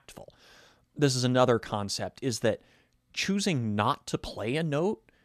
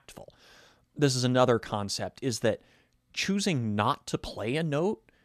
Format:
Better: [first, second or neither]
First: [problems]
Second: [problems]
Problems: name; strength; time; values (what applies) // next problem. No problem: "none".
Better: neither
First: none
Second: none